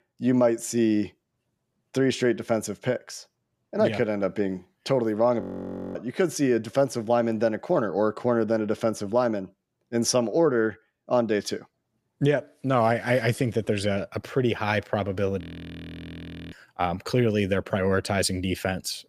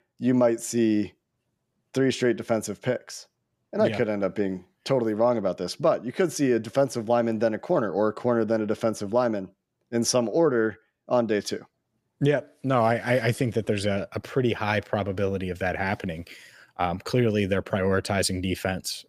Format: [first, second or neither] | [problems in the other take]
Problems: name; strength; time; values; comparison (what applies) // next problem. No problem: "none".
second | audio freezing; at 5.5 s for 0.5 s and at 15 s for 1 s